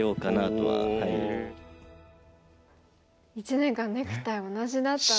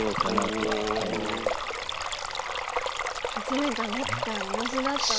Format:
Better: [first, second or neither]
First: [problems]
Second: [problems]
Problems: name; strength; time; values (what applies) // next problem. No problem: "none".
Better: first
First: none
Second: background sound (Stream); 1 dB above the speech